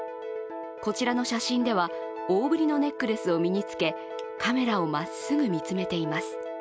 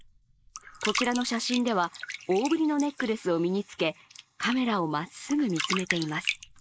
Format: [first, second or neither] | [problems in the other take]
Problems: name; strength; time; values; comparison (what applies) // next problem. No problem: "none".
first | noise reduction (neural mask model Resemble Enhance denoiser)